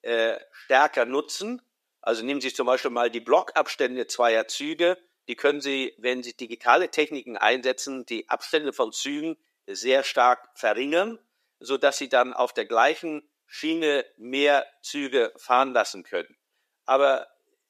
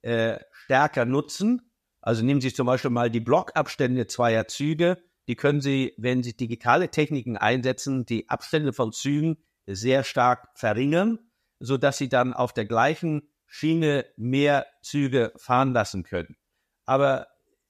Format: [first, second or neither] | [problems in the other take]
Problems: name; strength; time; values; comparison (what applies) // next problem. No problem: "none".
second | thin; somewhat; fading below 350 Hz